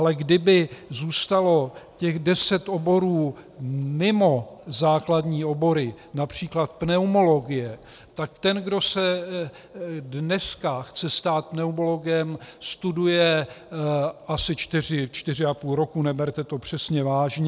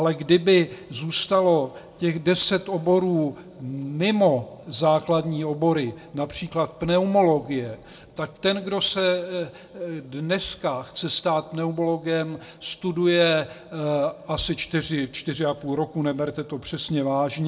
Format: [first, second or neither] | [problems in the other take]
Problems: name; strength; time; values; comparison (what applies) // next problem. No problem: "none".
first | room echo; dies away in 0.9 s